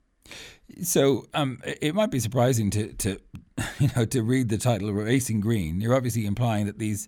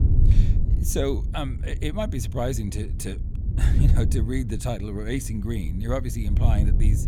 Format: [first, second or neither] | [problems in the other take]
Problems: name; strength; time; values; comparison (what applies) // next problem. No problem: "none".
first | wind noise on the microphone; heavy; 9 dB below the speech